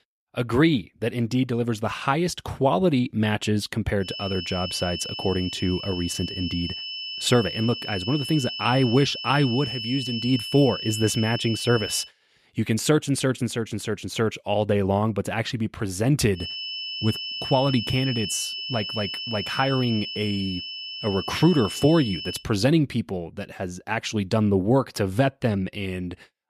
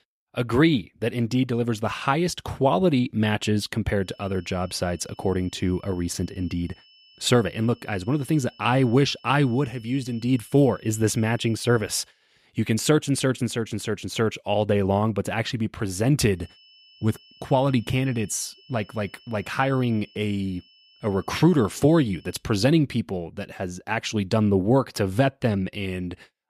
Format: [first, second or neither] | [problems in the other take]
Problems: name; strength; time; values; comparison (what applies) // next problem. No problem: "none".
second | high-pitched whine; loud; from 4 to 12 s and from 16 to 22 s; 3 kHz, 6 dB below the speech; faint in the second